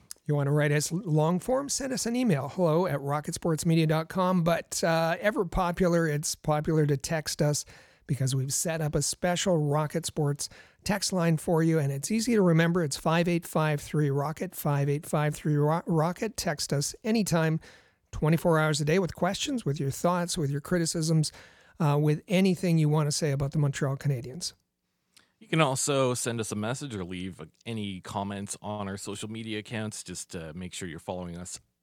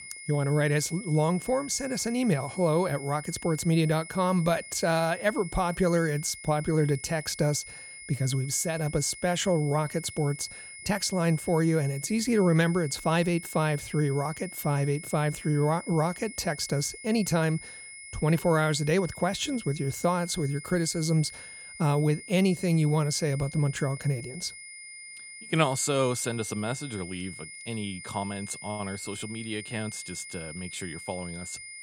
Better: first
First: none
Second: high-pitched whine; noticeable; throughout; 2 kHz, 15 dB below the speech

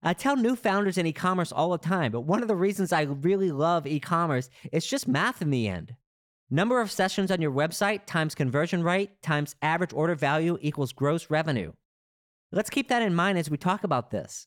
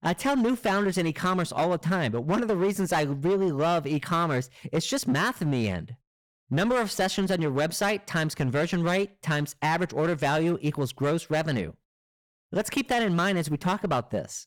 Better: first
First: none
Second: distortion; slight; 11% of the sound clipped

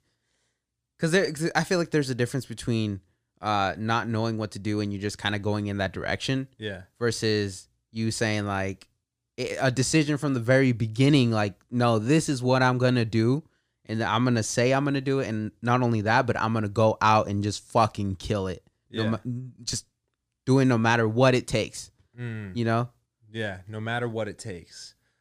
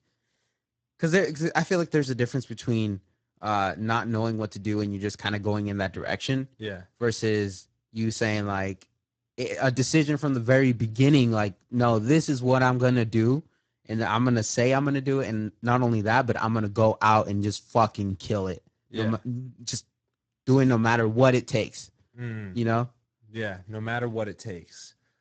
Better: first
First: none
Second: garbled, watery; badly; nothing above 7.5 kHz

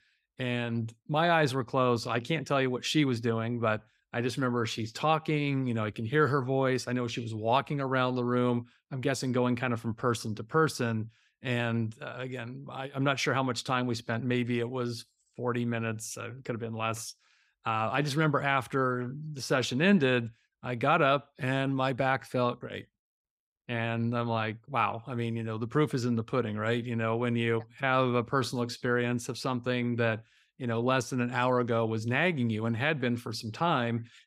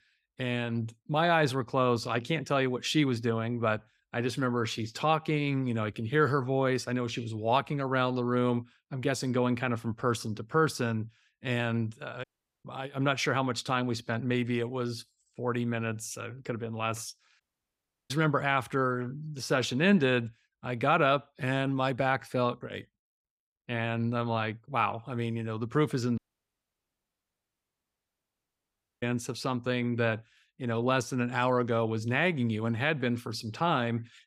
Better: first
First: none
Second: audio cutting out; at 12 s, at 17 s for 0.5 s and at 26 s for 3 s

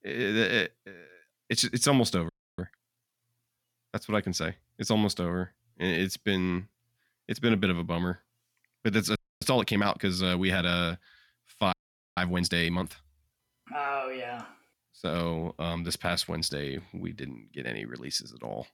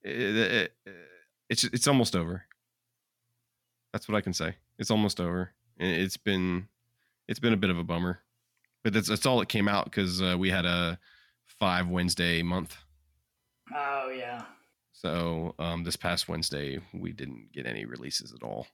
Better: second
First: audio freezing; at 2.5 s, at 9 s and at 12 s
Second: none

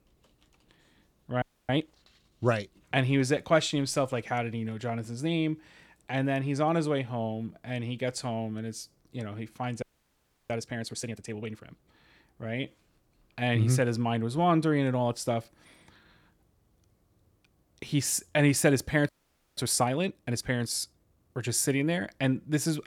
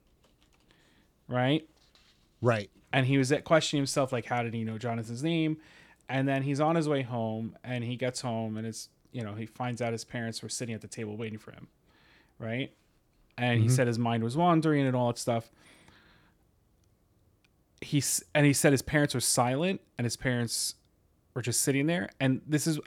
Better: second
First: audio freezing; at 1.5 s, at 10 s for 0.5 s and at 19 s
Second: none

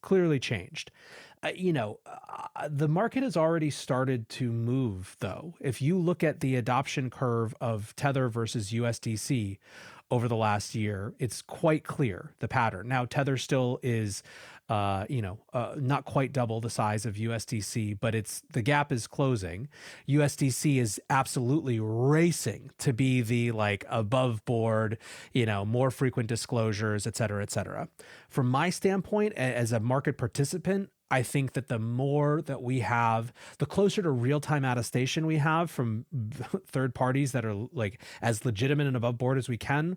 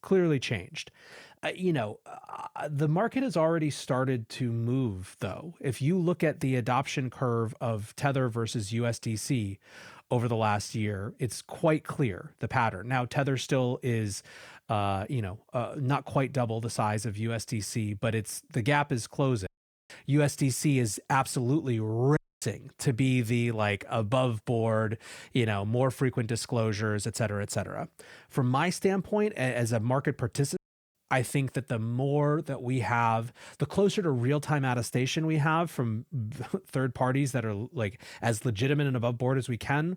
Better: first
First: none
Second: audio cutting out; at 19 s, at 22 s and at 31 s

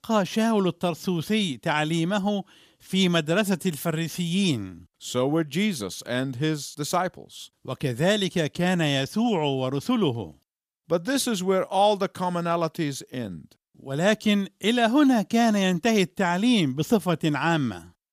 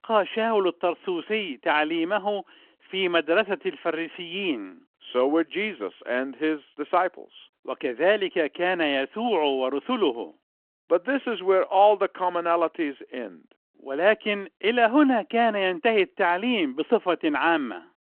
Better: first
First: none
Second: phone-call audio

